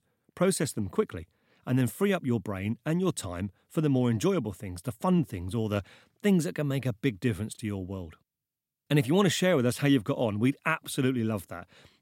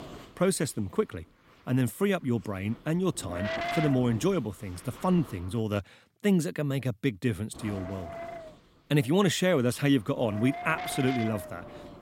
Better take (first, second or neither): first